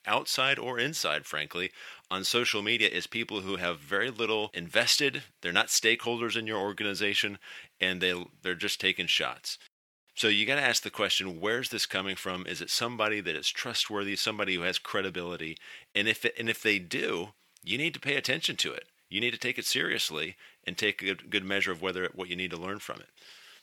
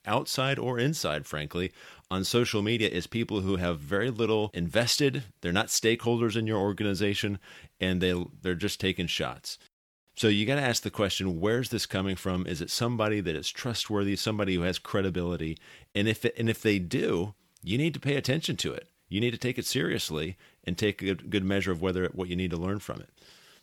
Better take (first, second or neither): second